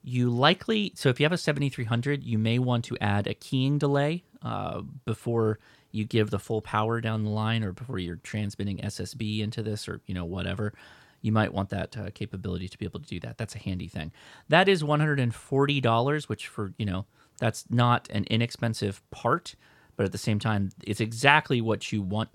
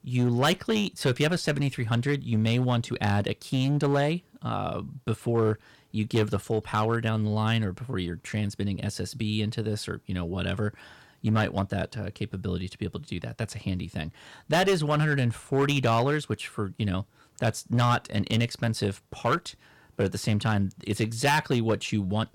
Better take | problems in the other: first | distortion; slight; 5% of the sound clipped

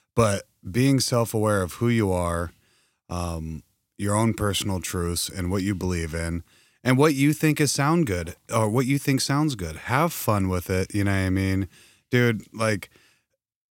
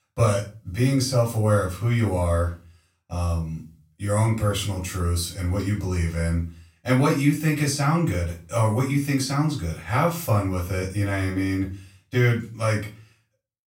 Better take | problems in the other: first | off-mic speech; far // room echo; slight; dies away in 0.3 s

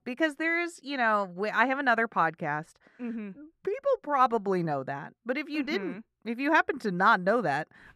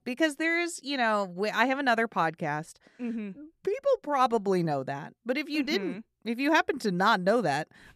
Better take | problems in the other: second | muffled; slightly; fading above 3.5 kHz

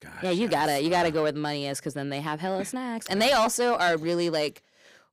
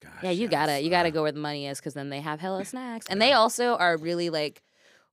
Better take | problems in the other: second | distortion; slight; 10 dB below the speech

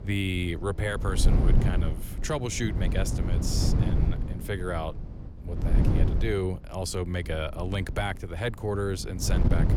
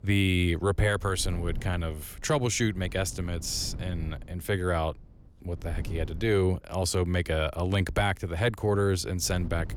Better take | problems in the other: second | wind noise on the microphone; heavy; 6 dB below the speech; occasional gusts in the second

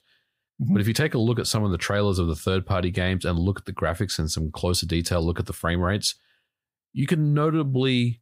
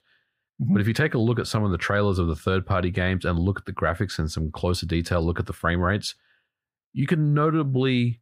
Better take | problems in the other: first | muffled; slightly; fading above 4 kHz

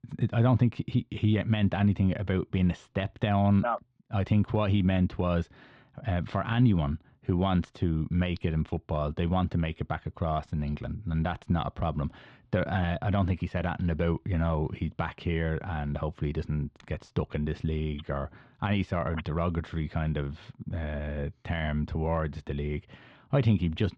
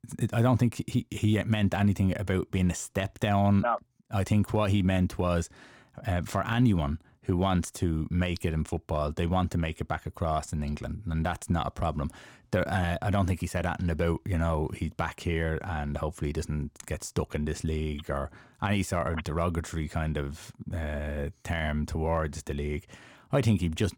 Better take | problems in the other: second | muffled; slightly; fading above 3.5 kHz

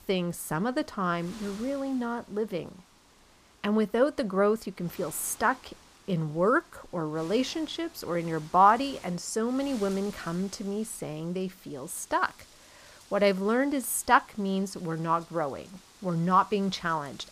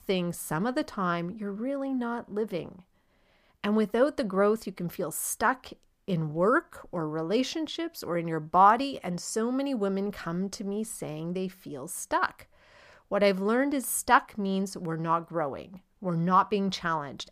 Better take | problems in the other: second | wind noise on the microphone; occasional gusts; 25 dB below the speech

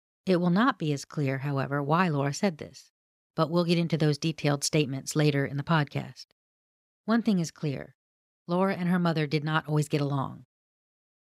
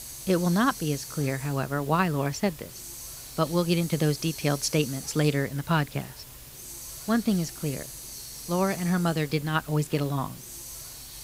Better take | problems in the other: first | hiss; noticeable; throughout; 10 dB below the speech

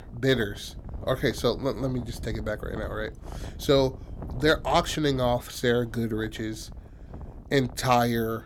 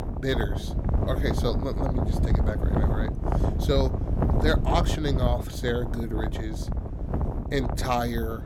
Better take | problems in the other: first | wind noise on the microphone; heavy; 4 dB below the speech; occasional gusts in the first

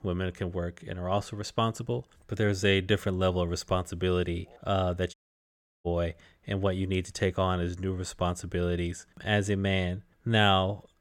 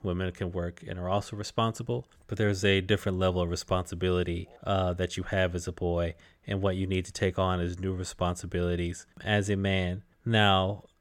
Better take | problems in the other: second | audio cutting out; at 5 s for 0.5 s

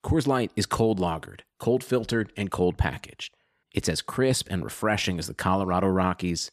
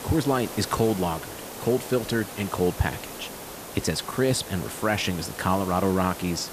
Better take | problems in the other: first | hiss; noticeable; throughout; 10 dB below the speech

